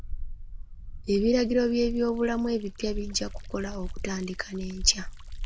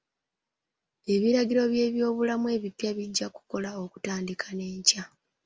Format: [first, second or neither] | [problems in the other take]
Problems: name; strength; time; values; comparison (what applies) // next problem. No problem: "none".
second | background sound (Liquid); 7 dB below the speech